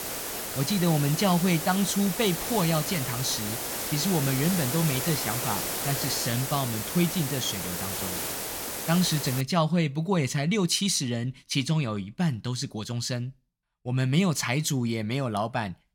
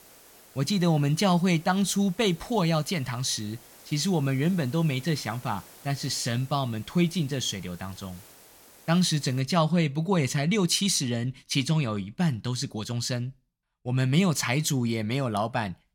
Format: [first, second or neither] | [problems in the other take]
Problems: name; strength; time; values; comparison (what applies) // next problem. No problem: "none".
second | hiss; loud; until 9.5 s; 3 dB below the speech; faint in the second